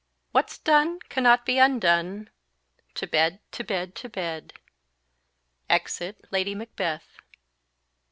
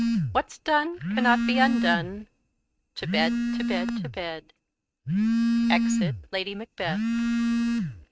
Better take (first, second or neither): first